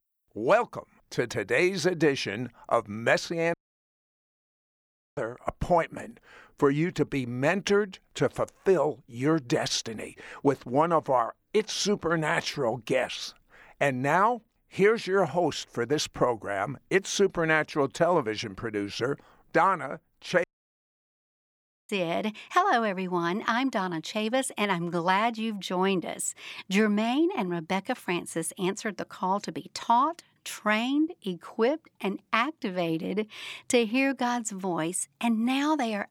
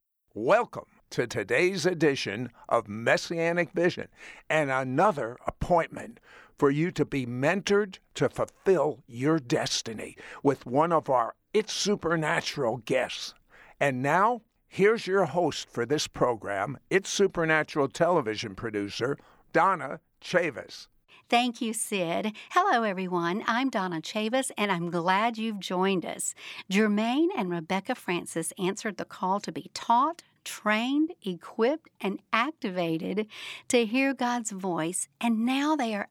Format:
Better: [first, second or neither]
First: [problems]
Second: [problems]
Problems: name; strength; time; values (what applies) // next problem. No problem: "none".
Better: second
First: audio cutting out; at 3.5 s for 1.5 s and at 20 s for 1.5 s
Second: none